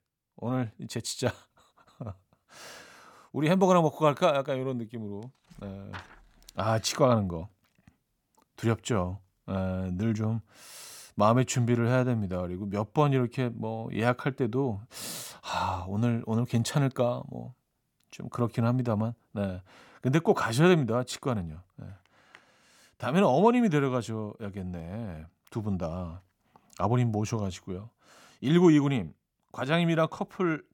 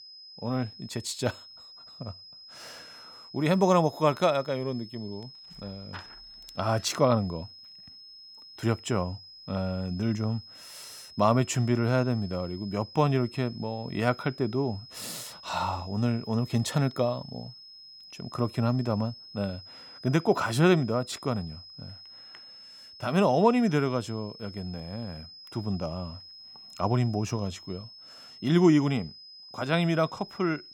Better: first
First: none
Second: high-pitched whine; noticeable; throughout; 5 kHz, 20 dB below the speech

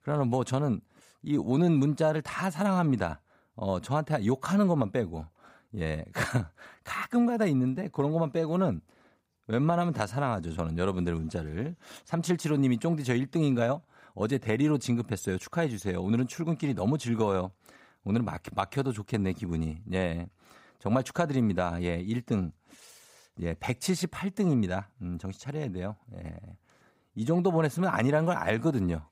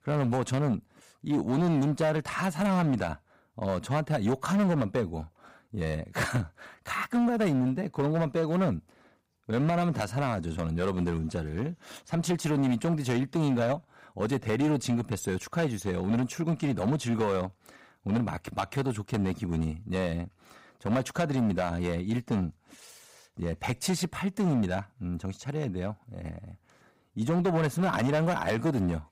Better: first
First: none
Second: distortion; slight; 9% of the sound clipped

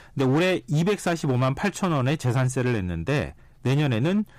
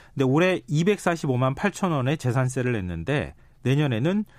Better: second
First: distortion; slight; 13% of the sound clipped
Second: none

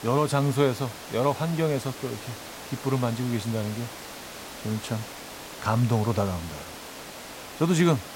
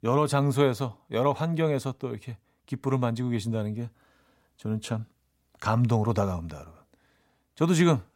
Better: second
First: hiss; noticeable; throughout; 10 dB below the speech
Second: none

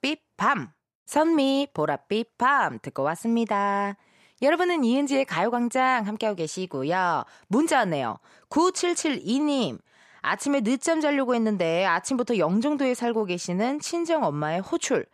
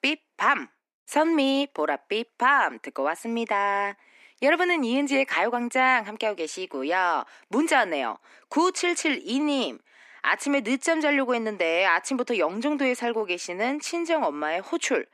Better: first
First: none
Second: thin; very slightly; fading below 250 Hz

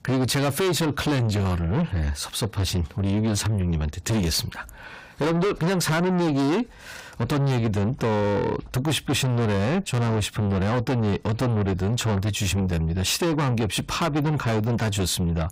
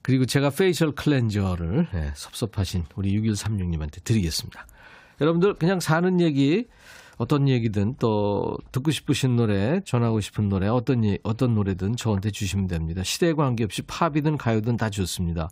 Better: second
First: distortion; heavy; 6 dB below the speech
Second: none

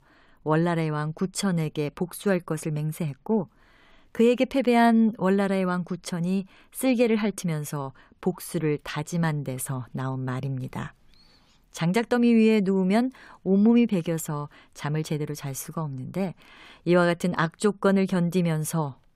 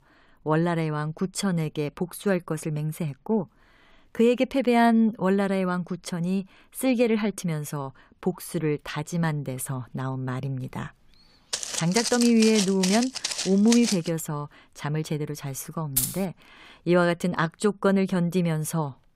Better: first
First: none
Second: footsteps; noticeable; from 12 to 14 s; peak 1 dB below the speech // jangling keys; noticeable; at 16 s; peak level with the speech

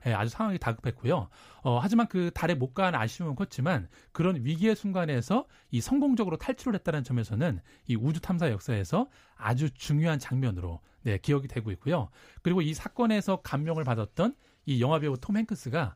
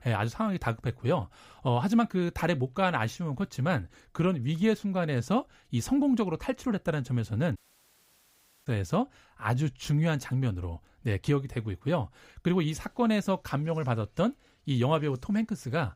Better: first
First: none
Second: audio cutting out; at 7.5 s for 1 s

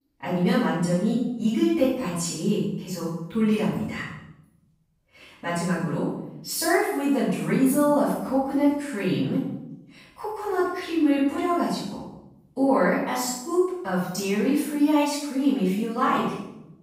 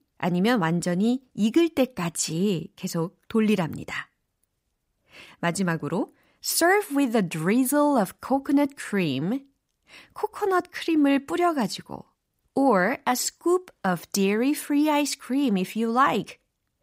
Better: second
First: off-mic speech; far // room echo; strong; dies away in 0.8 s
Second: none

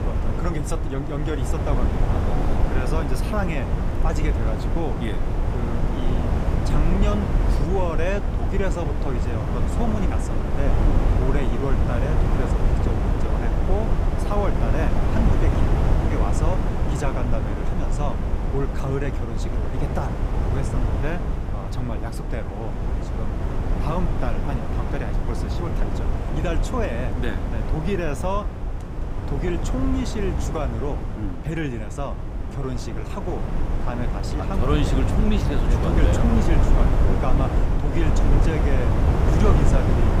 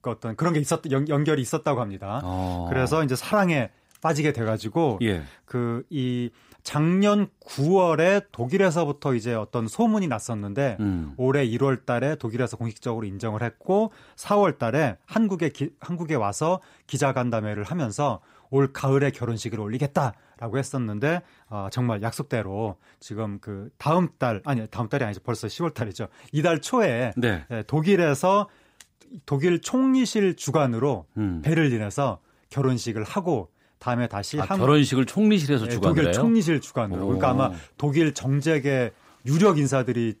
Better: second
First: wind noise on the microphone; heavy; as loud as the speech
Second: none

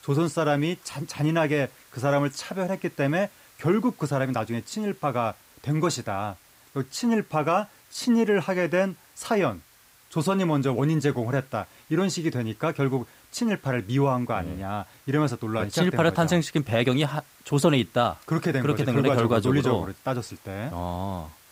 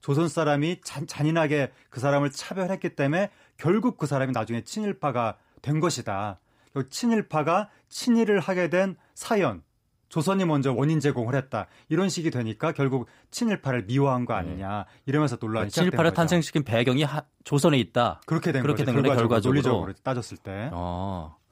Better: second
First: hiss; faint; throughout; 25 dB below the speech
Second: none

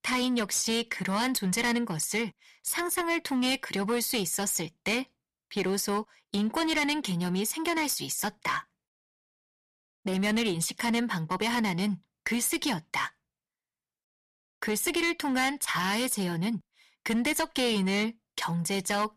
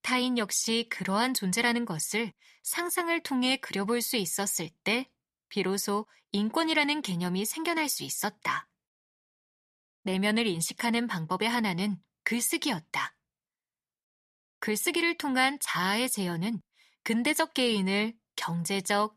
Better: second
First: distortion; slight; 7% of the sound clipped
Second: none

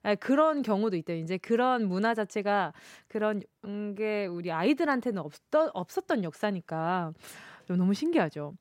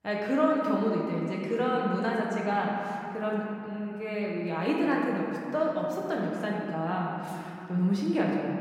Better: first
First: none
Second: room echo; noticeable; dies away in 2.9 s // off-mic speech; far

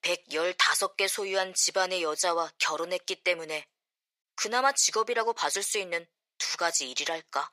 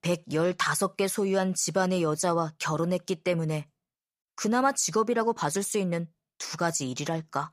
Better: second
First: thin; very; fading below 450 Hz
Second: none

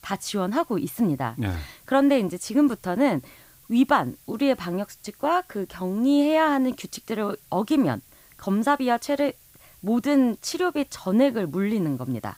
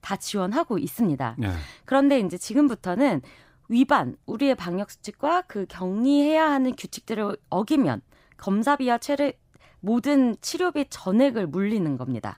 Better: second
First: hiss; faint; throughout; 25 dB below the speech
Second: none

